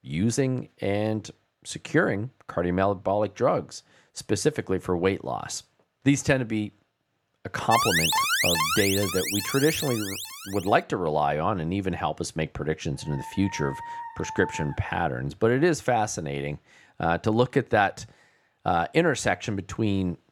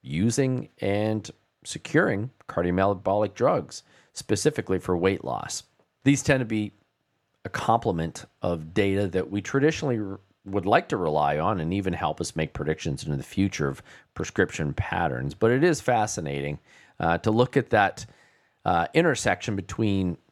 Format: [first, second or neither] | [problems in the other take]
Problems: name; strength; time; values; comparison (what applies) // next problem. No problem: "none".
second | alarm; loud; from 7.5 to 11 s; peak 5 dB above the speech // dog barking; faint; from 13 to 15 s; peak 10 dB below the speech